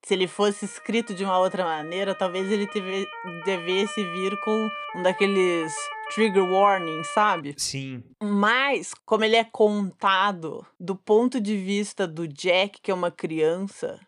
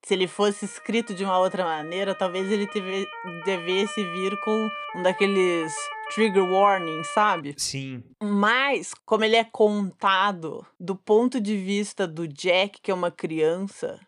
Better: neither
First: siren; noticeable; until 7.5 s; peak 7 dB below the speech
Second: siren; noticeable; until 7.5 s; peak 7 dB below the speech

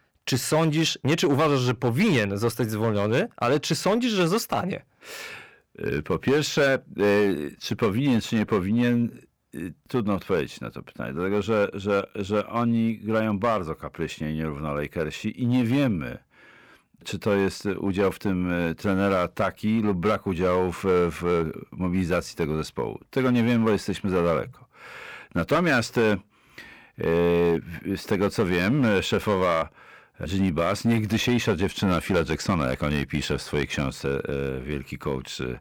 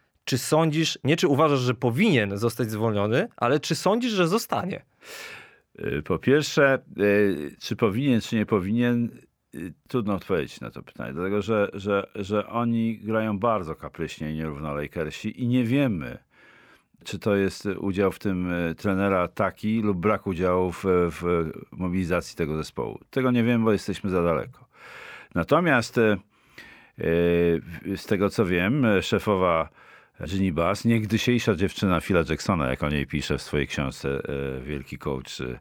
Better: second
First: distortion; slight; 5% of the sound clipped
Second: none

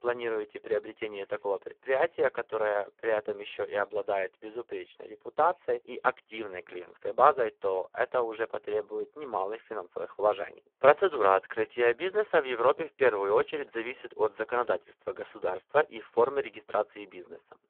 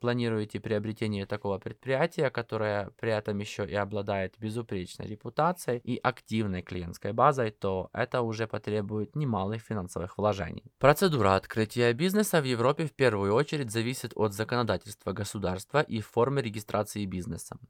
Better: second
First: phone-call audio; poor line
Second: none

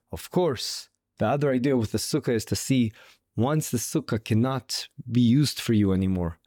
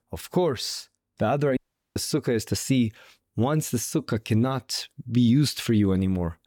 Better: first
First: none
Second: audio cutting out; at 1.5 s

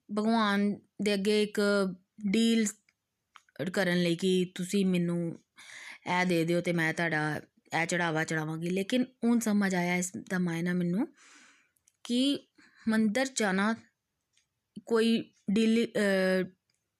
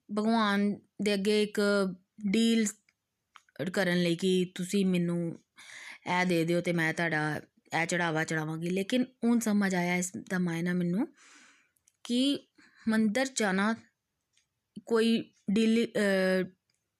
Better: neither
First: none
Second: none

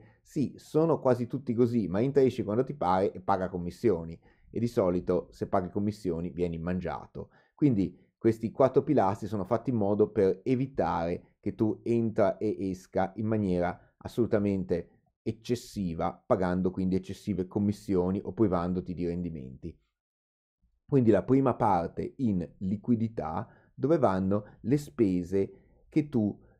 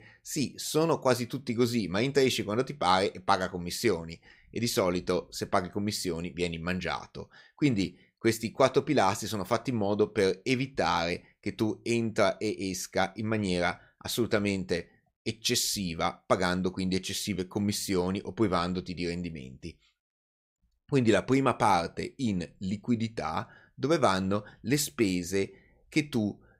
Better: second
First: muffled; very; fading above 1.5 kHz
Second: none

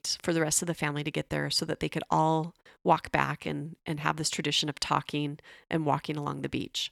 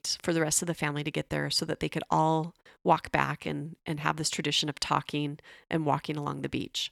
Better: neither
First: none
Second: none

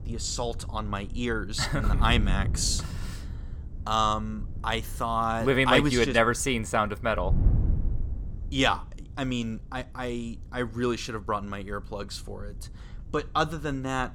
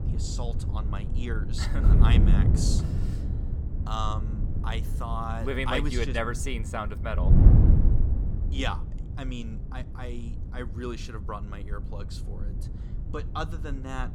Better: first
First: wind noise on the microphone; occasional gusts; 20 dB below the speech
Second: wind noise on the microphone; heavy; 6 dB below the speech

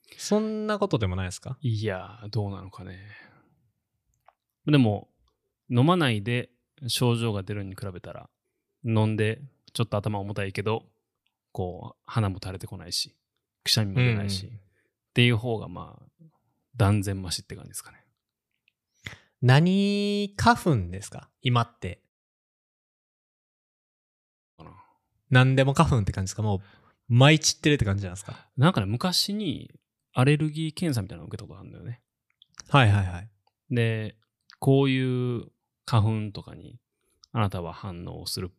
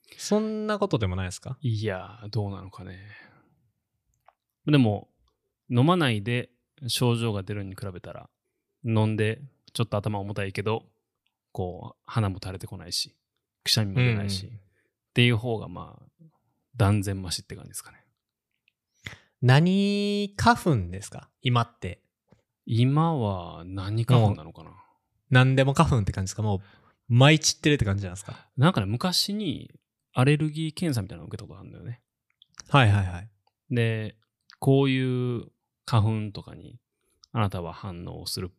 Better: second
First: audio cutting out; at 22 s for 2.5 s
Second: none

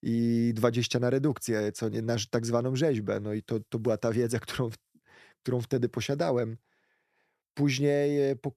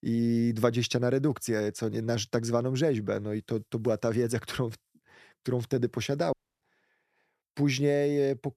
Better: first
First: none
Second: audio cutting out; at 6.5 s

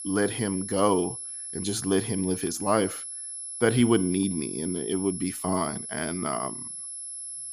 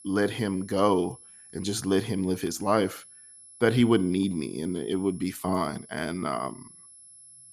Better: second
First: high-pitched whine; loud; throughout; 11 kHz, 7 dB below the speech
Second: high-pitched whine; faint; throughout; 11 kHz, 20 dB below the speech

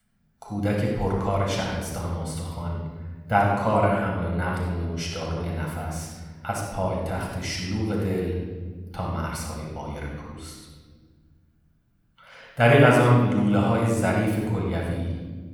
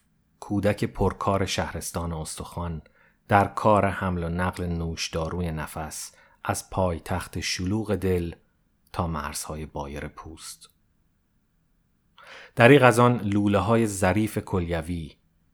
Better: second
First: off-mic speech; somewhat distant // room echo; noticeable; dies away in 1.5 s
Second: none

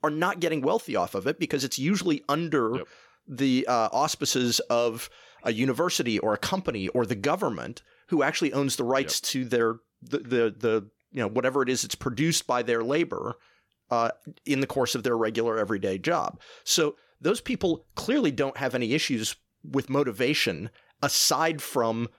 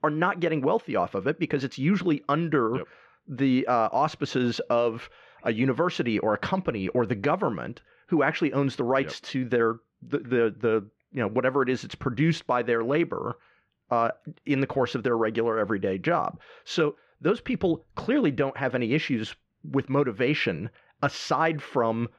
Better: first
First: none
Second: muffled; very; fading above 2 kHz

